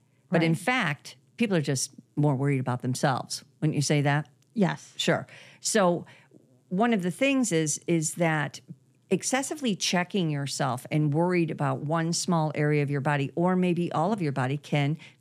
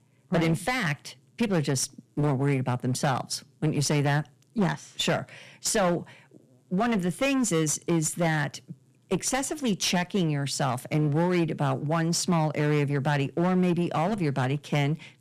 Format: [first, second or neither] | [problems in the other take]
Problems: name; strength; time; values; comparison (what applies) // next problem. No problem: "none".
first | distortion; slight; 12% of the sound clipped